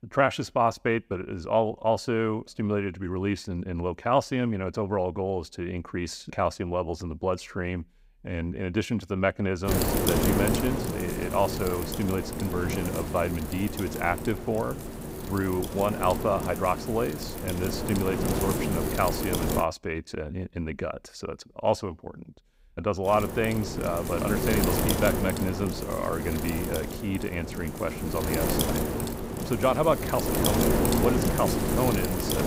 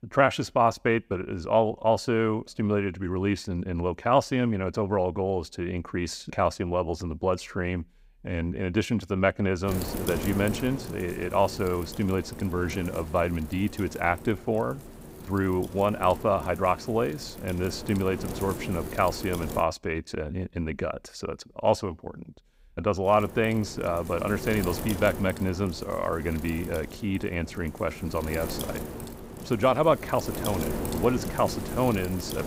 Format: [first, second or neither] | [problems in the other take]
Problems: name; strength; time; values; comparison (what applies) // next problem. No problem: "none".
second | wind noise on the microphone; heavy; from 9.5 to 20 s and from 23 s on; 3 dB below the speech; occasional gusts in the second